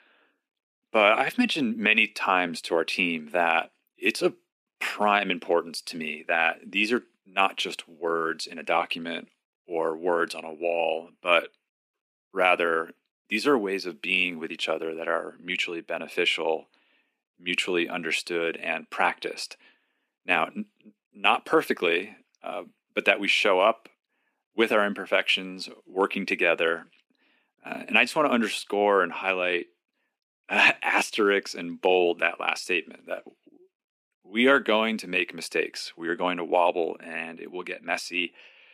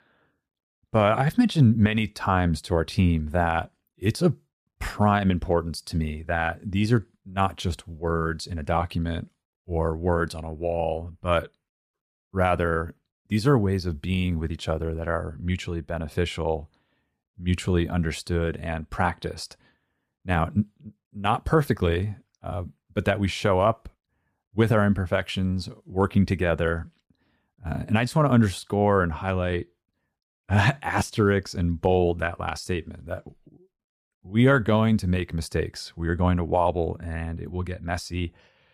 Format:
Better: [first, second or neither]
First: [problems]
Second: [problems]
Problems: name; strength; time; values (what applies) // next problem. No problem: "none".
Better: second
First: thin; somewhat; fading below 250 Hz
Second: none